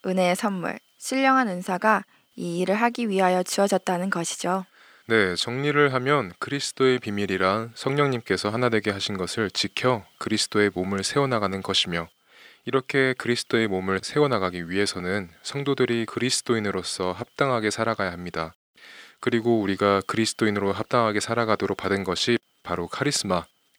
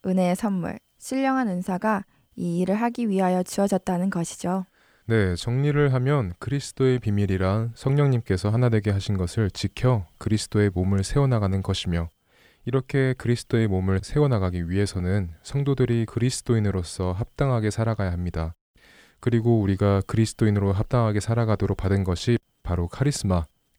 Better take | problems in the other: second | thin; somewhat; fading below 250 Hz

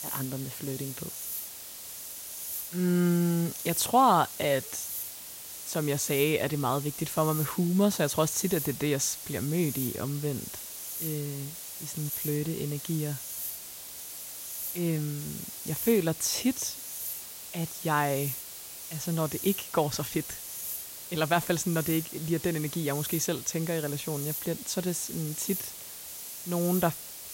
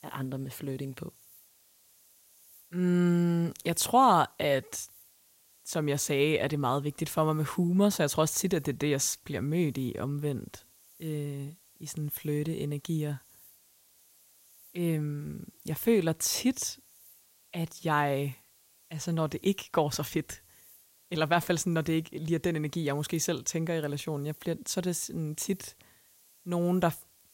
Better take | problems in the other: second | hiss; loud; throughout; 7 dB below the speech; faint in the second

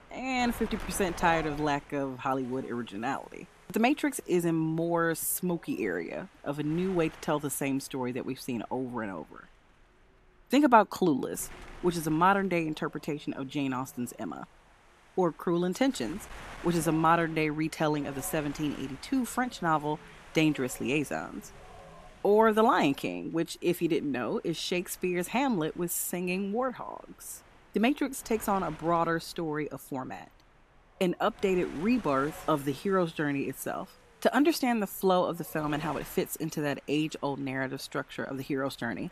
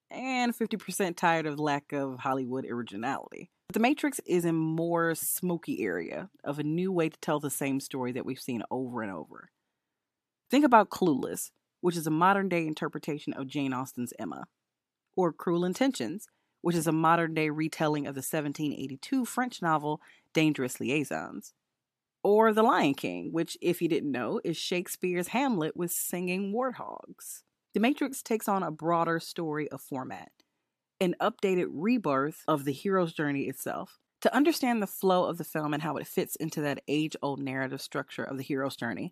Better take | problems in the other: second | wind noise on the microphone; occasional gusts; 20 dB below the speech

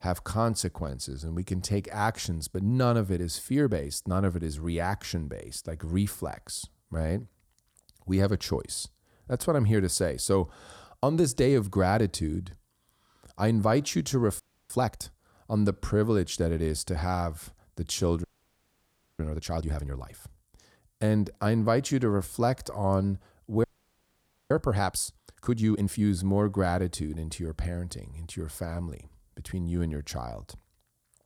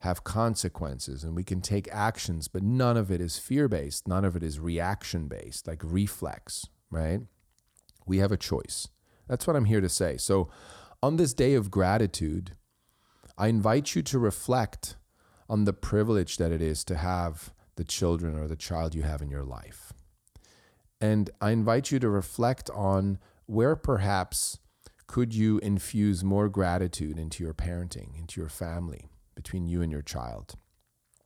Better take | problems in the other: second | audio freezing; at 14 s, at 18 s for 1 s and at 24 s for 1 s

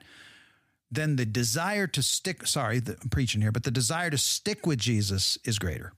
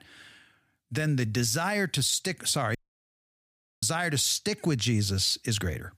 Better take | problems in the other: first | audio cutting out; at 3 s for 1 s

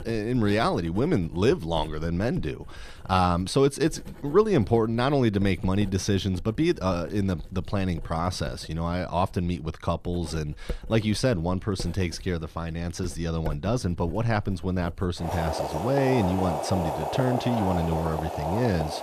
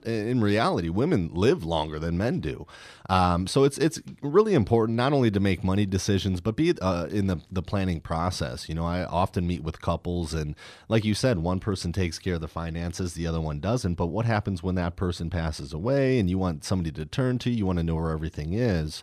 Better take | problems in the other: second | household noises; loud; throughout; 9 dB below the speech

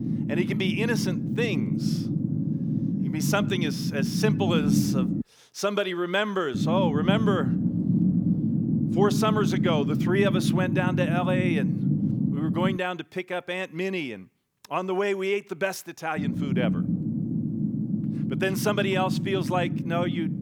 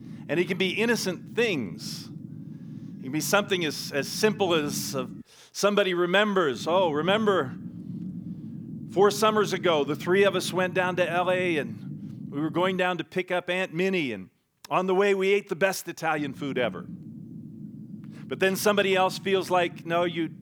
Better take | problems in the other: second | low rumble; loud; until 5 s, from 6.5 to 13 s and from 16 s on; 5 dB below the speech; faint in the second

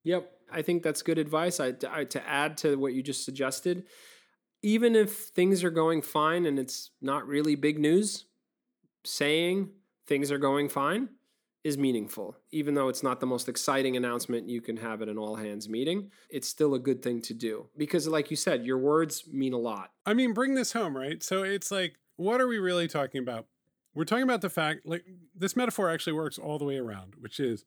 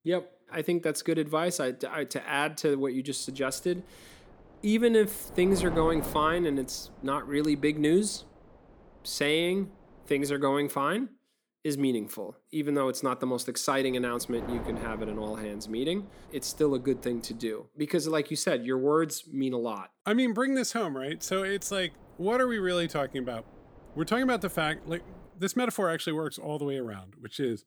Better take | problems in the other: first | wind noise on the microphone; occasional gusts; from 3 to 10 s, from 14 to 17 s and from 21 to 25 s; 15 dB below the speech

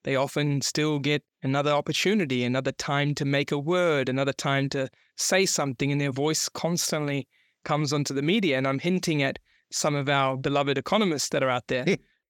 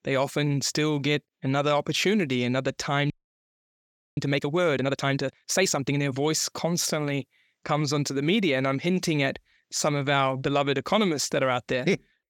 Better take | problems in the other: first | audio freezing; at 3 s for 1 s

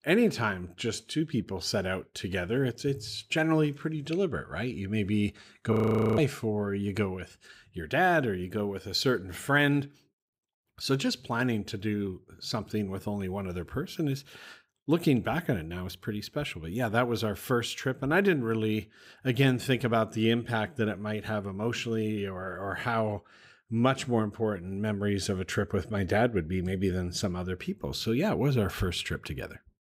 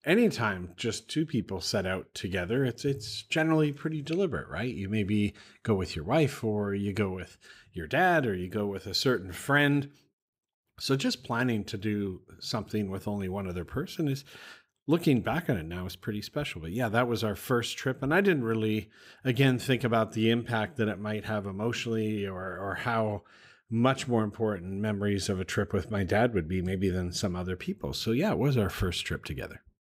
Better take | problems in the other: second | audio freezing; at 5.5 s

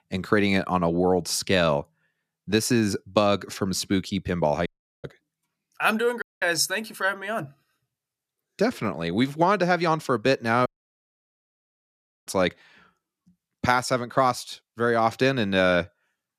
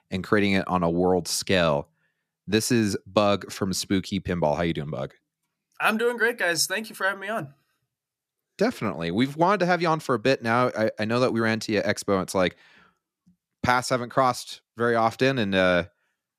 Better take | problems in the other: second | audio cutting out; at 4.5 s, at 6 s and at 11 s for 1.5 s

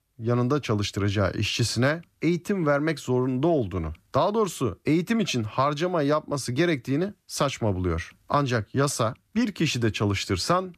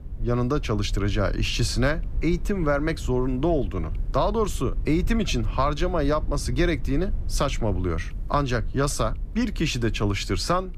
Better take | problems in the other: first | low rumble; faint; throughout; 25 dB below the speech

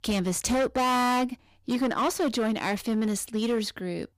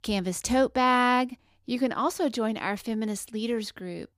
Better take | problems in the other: second | distortion; heavy; 15% of the sound clipped

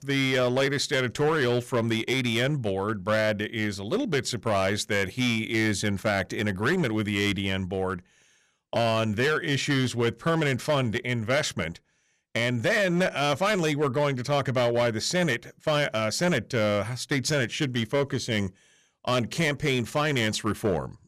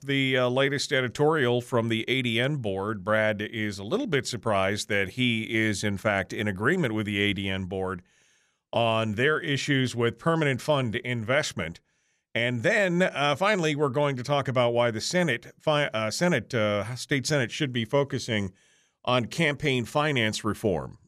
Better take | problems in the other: second | distortion; slight; 9% of the sound clipped

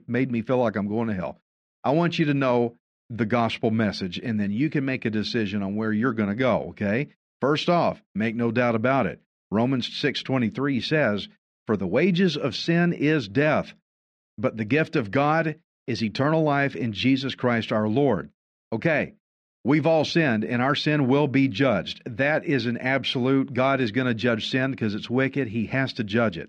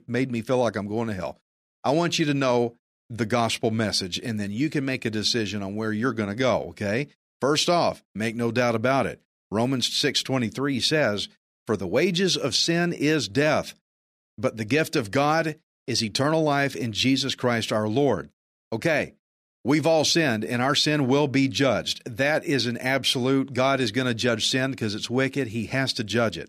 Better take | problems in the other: second | muffled; slightly; fading above 2.5 kHz

